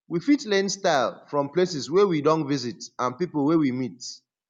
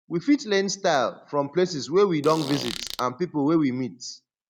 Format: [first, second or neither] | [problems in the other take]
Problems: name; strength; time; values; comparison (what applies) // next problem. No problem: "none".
first | background sound (Fart); 11 dB below the speech